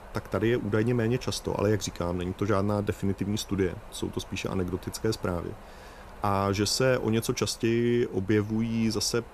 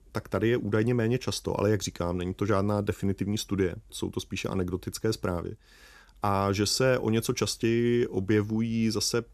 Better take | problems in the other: second | wind noise on the microphone; occasional gusts; 20 dB below the speech

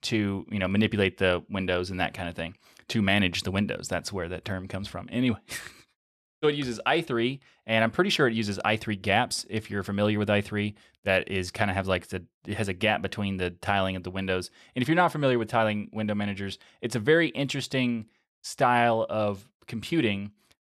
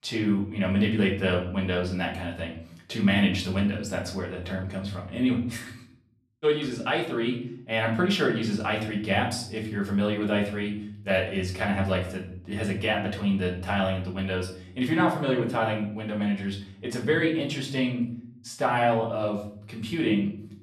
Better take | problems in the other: first | room echo; slight; dies away in 0.6 s // off-mic speech; far

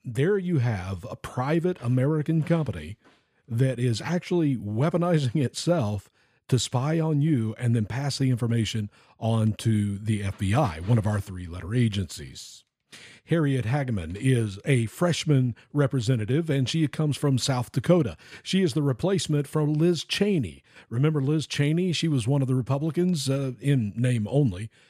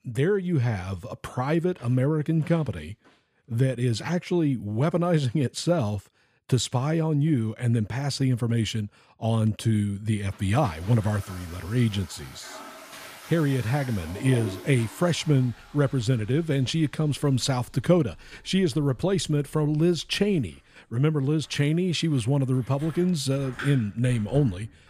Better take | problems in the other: first | household noises; noticeable; from 11 s on; 20 dB below the speech

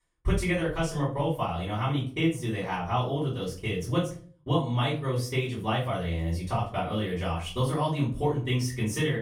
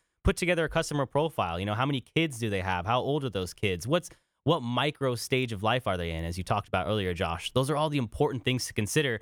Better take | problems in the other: second | off-mic speech; far // room echo; slight; dies away in 0.4 s

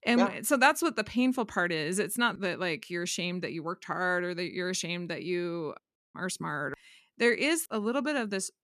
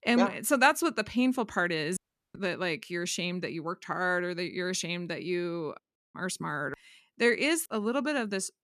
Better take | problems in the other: first | audio cutting out; at 2 s

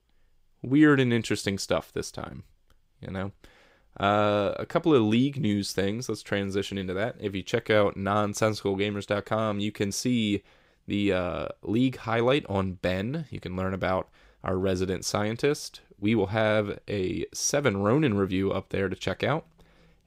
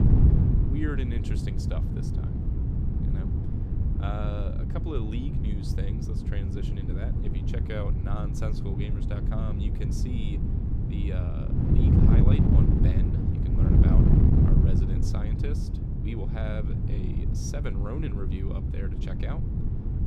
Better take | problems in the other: first | wind noise on the microphone; heavy; 3 dB above the speech

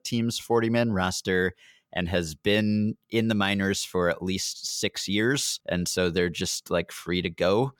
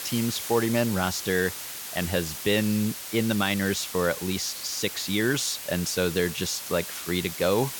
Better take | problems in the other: first | hiss; loud; throughout; 7 dB below the speech

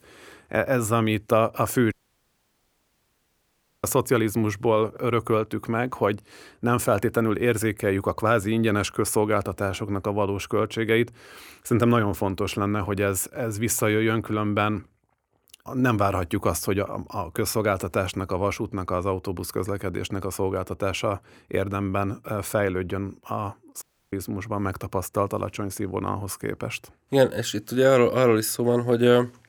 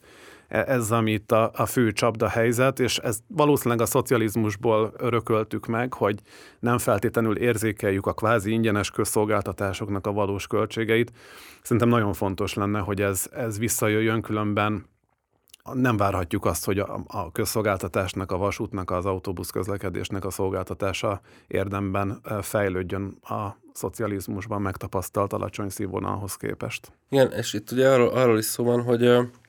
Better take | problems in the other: second | audio cutting out; at 2 s for 2 s and at 24 s

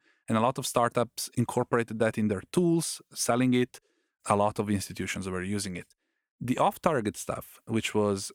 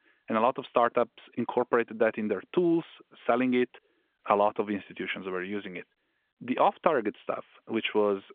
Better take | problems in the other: first | phone-call audio

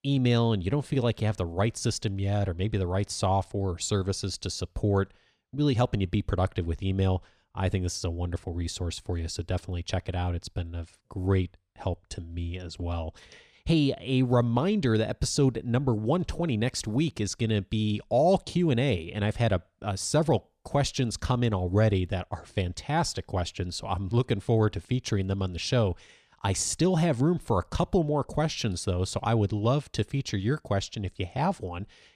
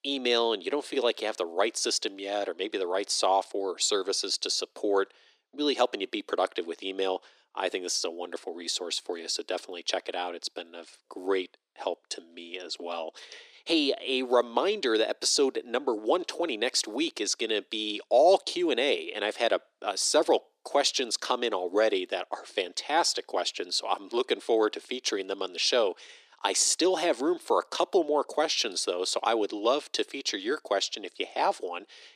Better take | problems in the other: first | thin; very; fading below 300 Hz

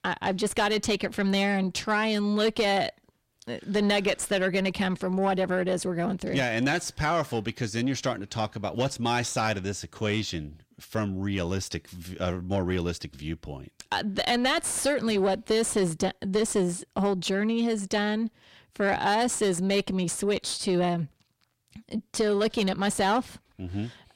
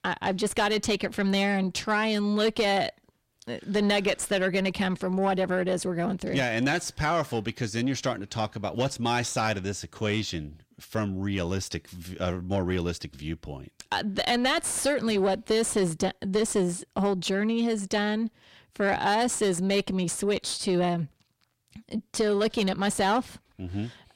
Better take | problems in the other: neither | distortion; slight; 10 dB below the speech; the same in both

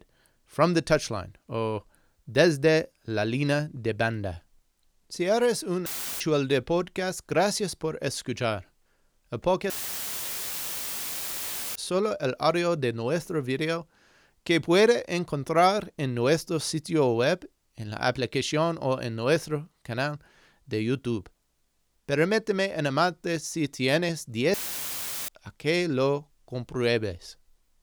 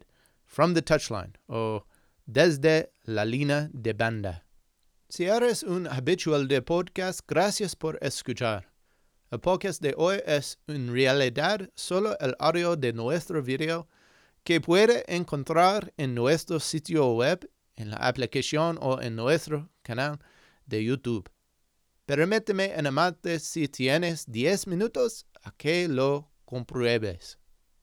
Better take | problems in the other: second | audio cutting out; filled with static; at 6 s, at 9.5 s for 2 s and at 25 s for 0.5 s

